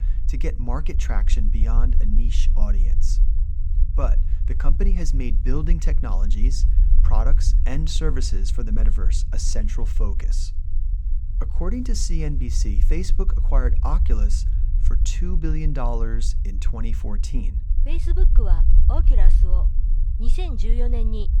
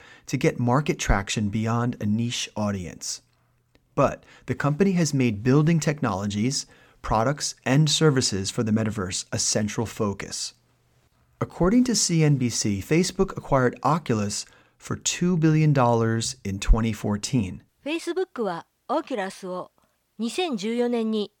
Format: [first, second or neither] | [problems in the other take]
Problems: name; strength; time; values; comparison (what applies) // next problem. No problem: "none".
second | low rumble; noticeable; throughout; 10 dB below the speech